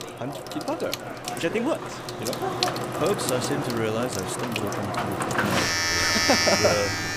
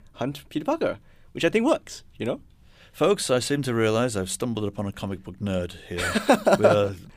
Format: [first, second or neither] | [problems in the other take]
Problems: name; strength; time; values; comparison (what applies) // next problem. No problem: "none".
second | household noises; very loud; throughout; 3 dB above the speech